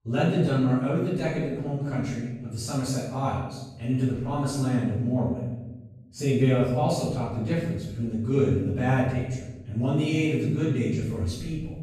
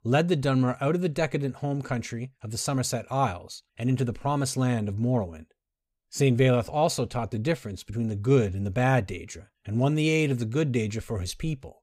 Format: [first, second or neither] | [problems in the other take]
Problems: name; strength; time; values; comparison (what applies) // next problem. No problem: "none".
second | room echo; strong; dies away in 1.1 s // off-mic speech; far